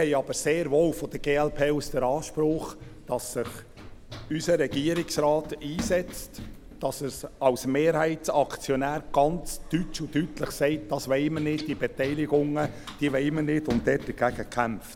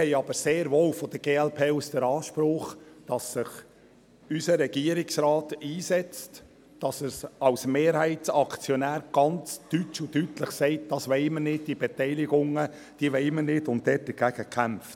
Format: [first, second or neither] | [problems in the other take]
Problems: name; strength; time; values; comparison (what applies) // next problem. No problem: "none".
second | background sound (Run + Guitar); 14 dB below the speech